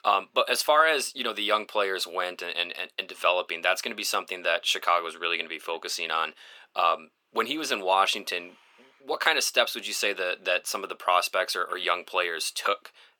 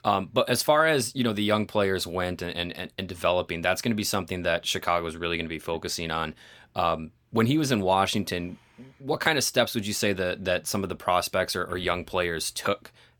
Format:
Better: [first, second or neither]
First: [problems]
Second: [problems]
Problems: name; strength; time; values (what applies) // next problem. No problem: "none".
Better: second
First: thin; very; fading below 400 Hz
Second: none